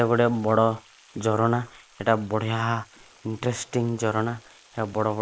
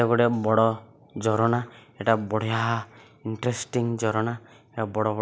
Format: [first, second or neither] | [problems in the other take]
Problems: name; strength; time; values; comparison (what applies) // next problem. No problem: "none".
second | noise reduction (neural mask model Resemble Enhance denoiser)